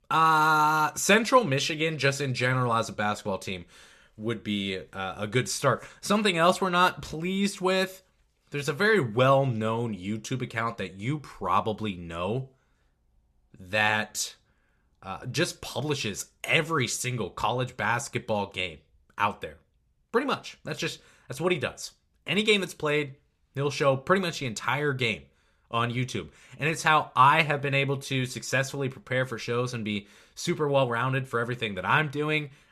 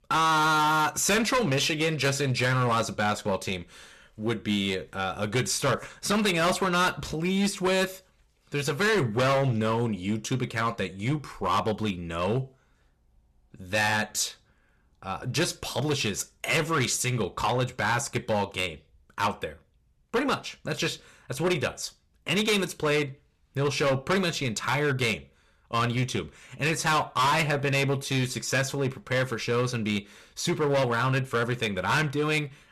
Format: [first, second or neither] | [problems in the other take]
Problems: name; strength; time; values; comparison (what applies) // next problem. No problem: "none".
first | distortion; heavy; 11% of the sound clipped